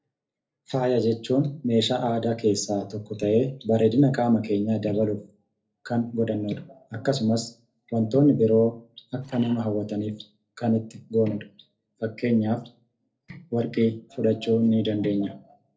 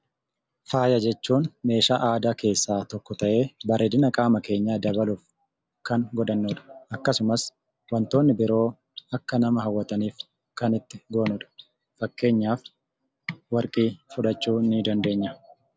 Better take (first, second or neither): second